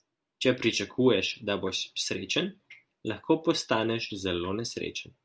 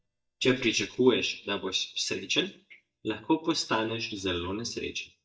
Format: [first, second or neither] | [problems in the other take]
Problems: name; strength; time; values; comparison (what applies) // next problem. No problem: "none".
first | noise reduction (neural mask model DeepFilterNet 3)